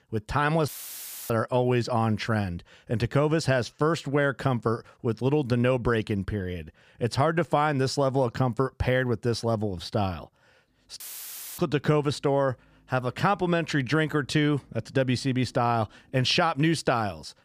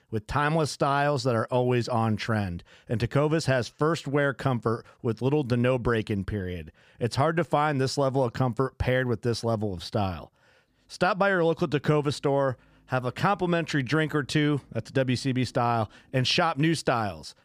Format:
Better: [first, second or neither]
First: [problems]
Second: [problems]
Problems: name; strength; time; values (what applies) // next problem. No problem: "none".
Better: second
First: audio cutting out; filled with static; at 0.5 s for 0.5 s and at 11 s for 0.5 s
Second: none